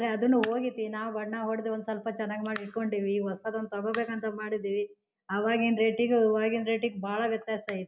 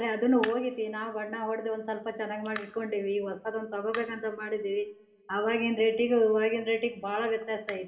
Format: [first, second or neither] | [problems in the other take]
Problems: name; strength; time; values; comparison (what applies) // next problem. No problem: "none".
first | room echo; dies away in 1.8 s